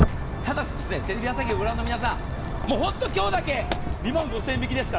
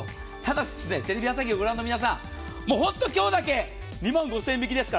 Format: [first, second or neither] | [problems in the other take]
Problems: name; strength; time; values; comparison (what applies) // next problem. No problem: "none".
second | background sound (Walk, footsteps); as loud as the speech